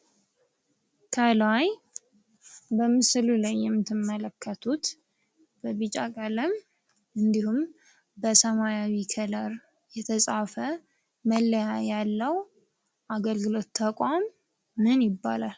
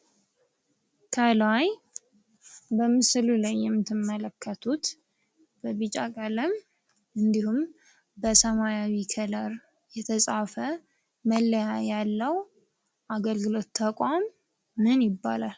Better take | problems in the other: first | background sound (Bass drum); 16 dB below the speech

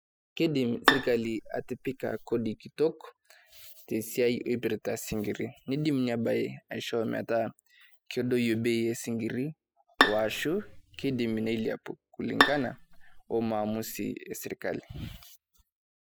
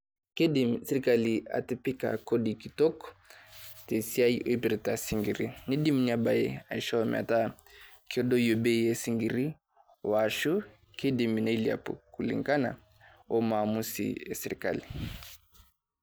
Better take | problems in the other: second | noise reduction (classical method spectral subtraction)

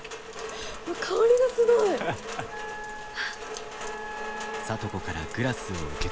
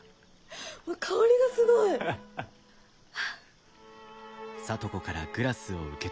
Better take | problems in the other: second | background sound (Rain + Wind instrument, woodwind instrument); 8 dB below the speech

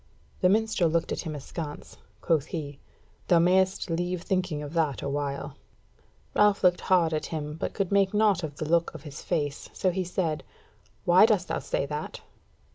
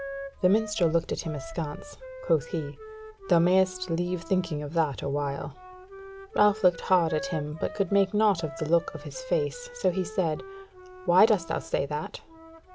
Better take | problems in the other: first | background sound (Wind instrument, woodwind instrument); 15 dB below the speech

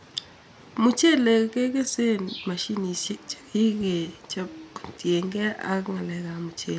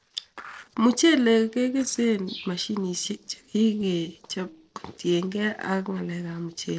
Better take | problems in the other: first | noise reduction (neural separator model SepFormer DNS4)

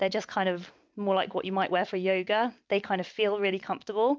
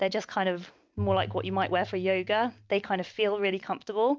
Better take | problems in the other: first | background sound (Bowed string instrument); 12 dB below the speech

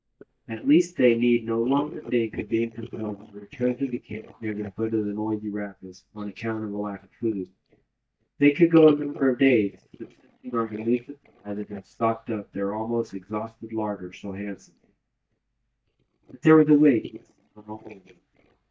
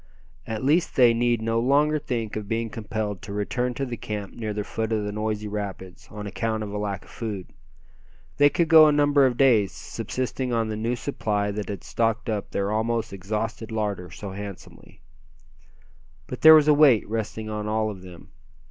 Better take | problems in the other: second | noise reduction (neural mask model DeepFilterNet 3)

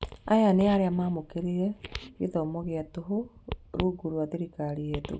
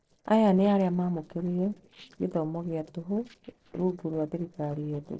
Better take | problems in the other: first | noise reduction (neural separator model SepFormer DNS4)

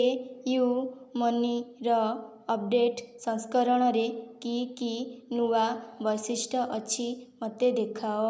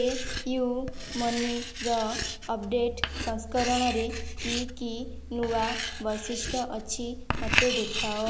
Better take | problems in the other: first | background sound (Writing); 3 dB below the speech

